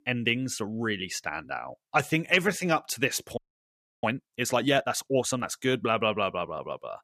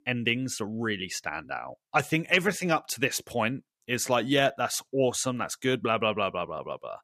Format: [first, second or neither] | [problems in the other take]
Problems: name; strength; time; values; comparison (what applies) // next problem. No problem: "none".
second | audio freezing; at 3.5 s for 0.5 s